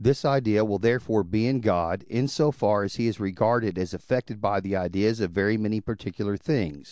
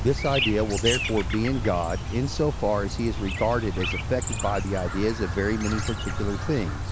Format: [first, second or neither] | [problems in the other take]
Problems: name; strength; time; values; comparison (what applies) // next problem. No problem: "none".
first | background sound (Chirp, tweet); 3 dB below the speech